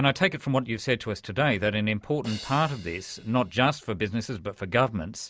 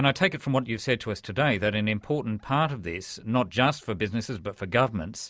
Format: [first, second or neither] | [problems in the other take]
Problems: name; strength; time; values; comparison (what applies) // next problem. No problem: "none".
second | background sound (Crash cymbal); 19 dB below the speech